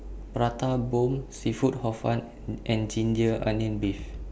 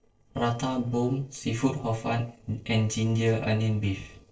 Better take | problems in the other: first | noise reduction (neural separator model SepFormer DNS4)

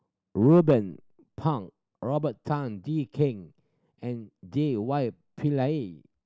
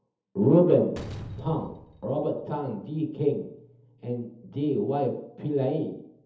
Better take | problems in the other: first | background sound (Slam); 18 dB below the speech // room echo; dies away in 0.7 s

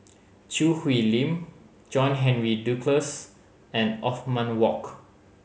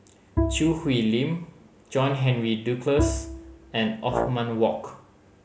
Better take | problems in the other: first | background sound (Bowed string instrument + Brass instrument); 5 dB below the speech

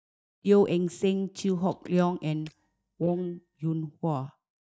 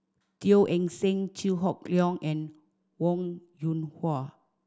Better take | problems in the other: second | noise reduction (neural mask model DeepFilterNet 3)

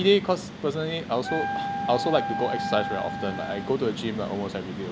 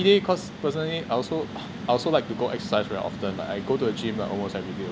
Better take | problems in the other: second | background sound (Wind instrument, woodwind instrument); 6 dB below the speech

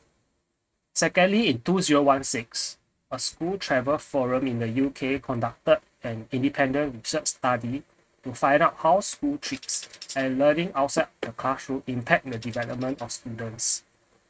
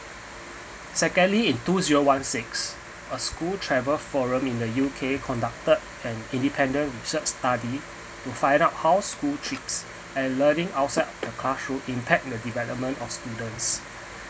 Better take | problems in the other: second | noise reduction (neural mask model RNNoise)

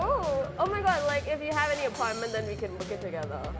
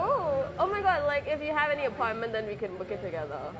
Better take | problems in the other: second | background sound (Drum kit); 11 dB below the speech

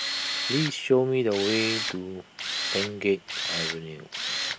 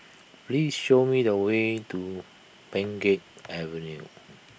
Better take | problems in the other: second | background sound (Tools); 3 dB below the speech

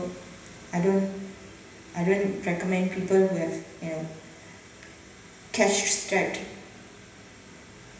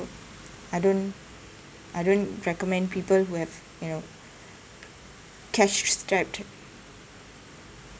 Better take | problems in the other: second | room echo; dies away in 0.9 s

